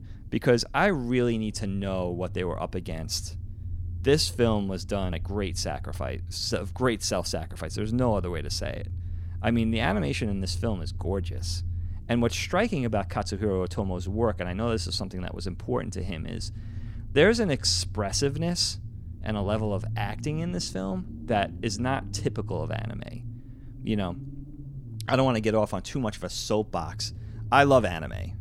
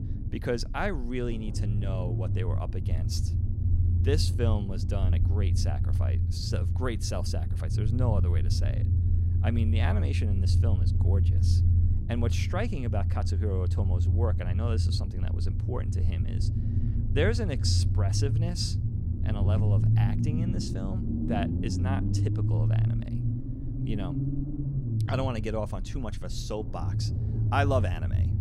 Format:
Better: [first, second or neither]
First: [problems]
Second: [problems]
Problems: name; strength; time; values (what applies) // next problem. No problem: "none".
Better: first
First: low rumble; faint; throughout; 25 dB below the speech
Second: low rumble; loud; throughout; 5 dB below the speech